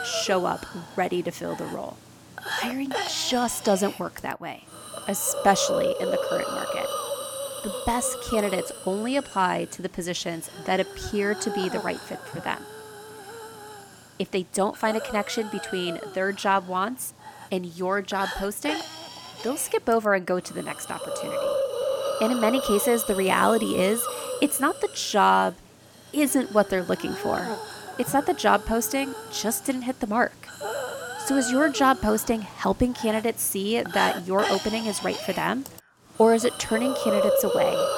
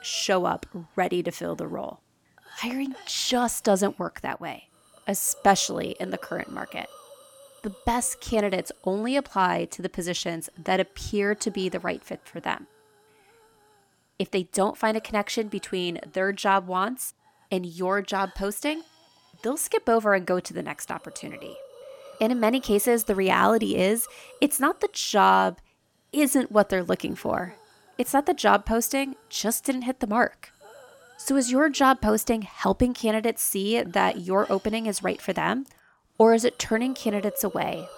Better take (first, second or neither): second